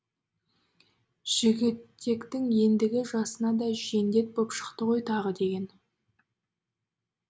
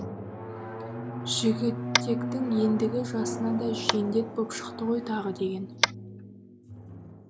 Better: first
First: none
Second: background sound (Tap + Drum); 3 dB below the speech

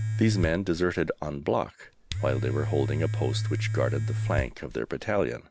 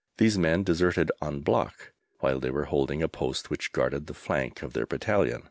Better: second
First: background sound (Domestic sounds, home sounds); 2 dB below the speech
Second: none

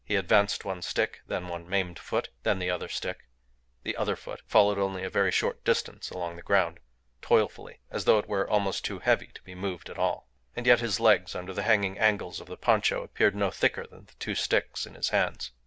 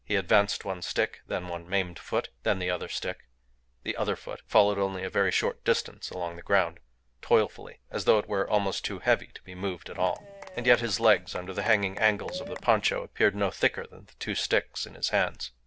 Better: first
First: none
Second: background sound (Applause / Cheering / Clapping); 14 dB below the speech

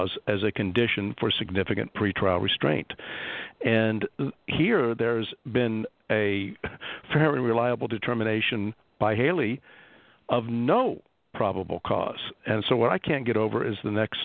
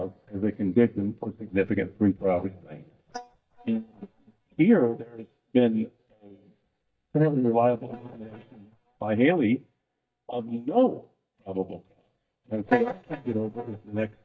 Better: first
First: none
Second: noise reduction (neural mask model DeepFilterNet 3)

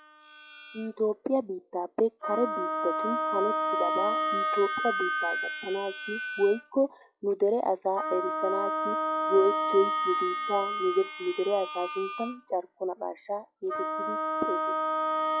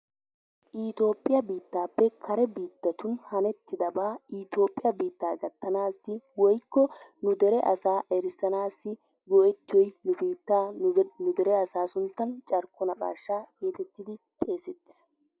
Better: second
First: noise reduction (classical method log-MMSE)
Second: none

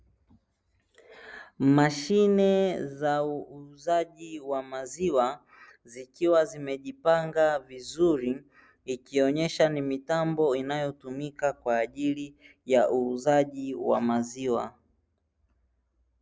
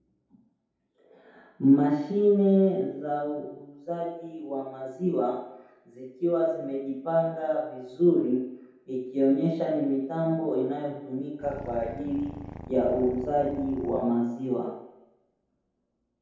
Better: first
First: none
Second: background sound (Purr); 13 dB below the speech // room echo; dies away in 0.8 s

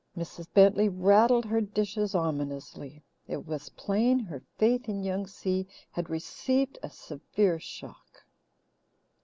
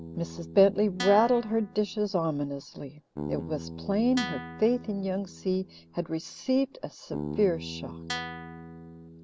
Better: first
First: none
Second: background sound (Bass guitar + Guitar); 11 dB below the speech

